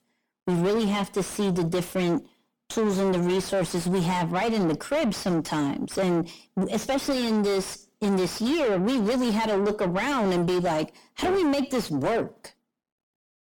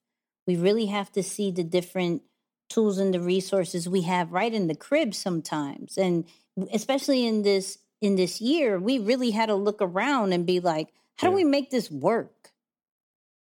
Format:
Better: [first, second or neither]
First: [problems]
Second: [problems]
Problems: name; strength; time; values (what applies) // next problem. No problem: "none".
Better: second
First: distortion; heavy; 6 dB below the speech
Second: none